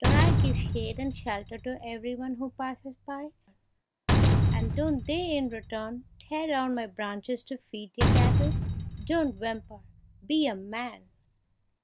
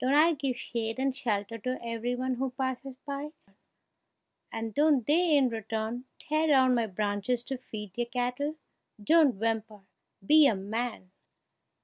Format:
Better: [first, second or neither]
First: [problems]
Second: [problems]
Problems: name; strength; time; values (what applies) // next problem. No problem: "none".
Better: second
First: background sound (Slam); 4 dB above the speech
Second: none